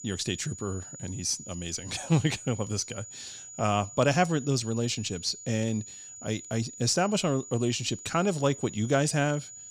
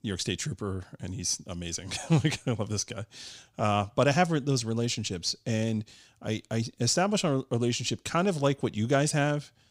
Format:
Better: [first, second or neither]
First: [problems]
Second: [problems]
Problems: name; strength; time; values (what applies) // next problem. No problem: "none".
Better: second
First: high-pitched whine; noticeable; throughout; 7 kHz, 15 dB below the speech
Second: none